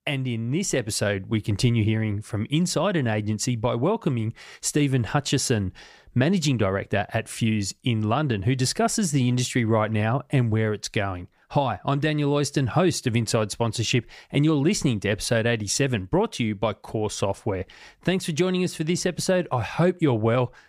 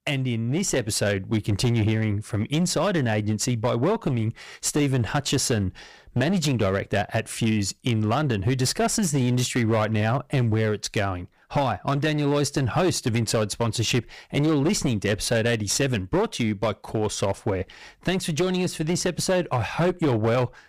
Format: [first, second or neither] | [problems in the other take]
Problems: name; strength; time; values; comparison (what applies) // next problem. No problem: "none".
first | distortion; slight; 14% of the sound clipped